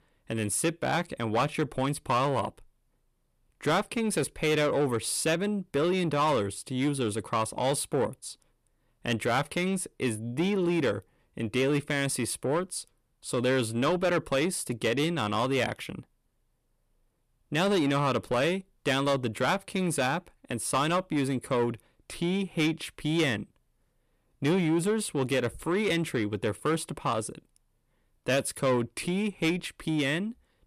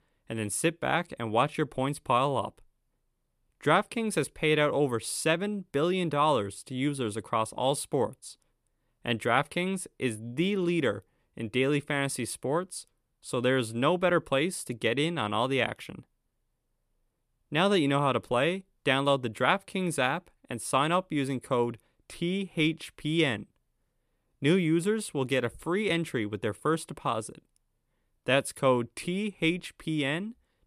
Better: second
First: distortion; slight; 10 dB below the speech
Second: none

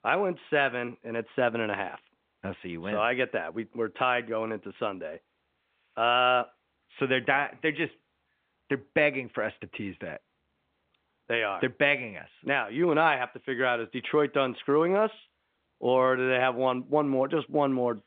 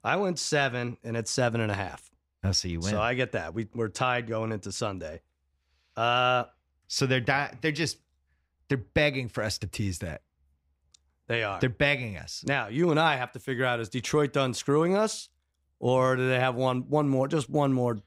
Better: second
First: phone-call audio; nothing above 3.5 kHz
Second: none

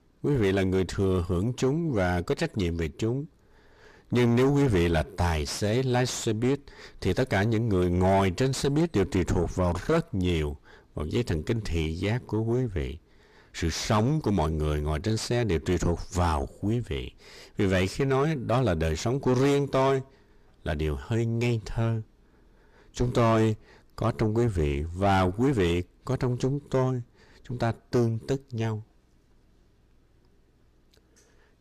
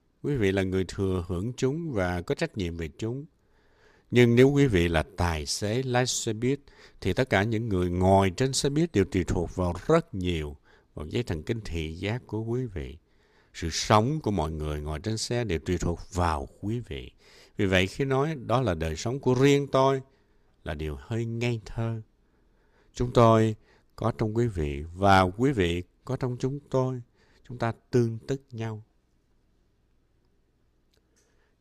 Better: second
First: distortion; heavy; 6 dB below the speech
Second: none

